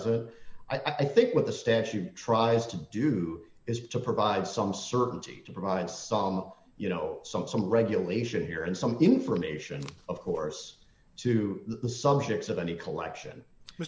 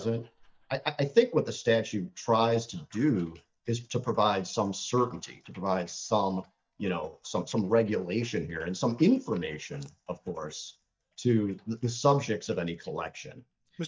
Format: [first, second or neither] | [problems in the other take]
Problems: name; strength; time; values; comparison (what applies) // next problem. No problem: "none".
first | noise reduction (neural mask model DeepFilterNet 3)